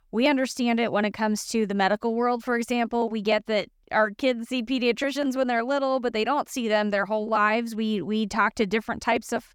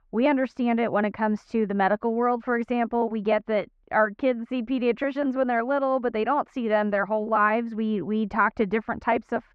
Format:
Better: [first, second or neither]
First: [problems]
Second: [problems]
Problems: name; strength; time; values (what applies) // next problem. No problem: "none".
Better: first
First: none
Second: muffled; very; fading above 1.5 kHz